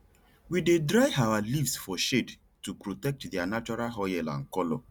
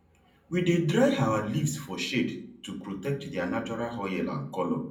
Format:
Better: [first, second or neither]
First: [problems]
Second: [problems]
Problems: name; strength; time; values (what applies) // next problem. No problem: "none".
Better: first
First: none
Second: room echo; dies away in 0.6 s